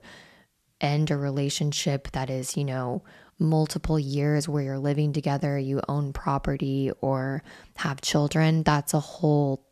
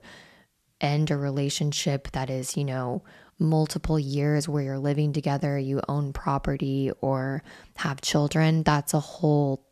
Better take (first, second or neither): neither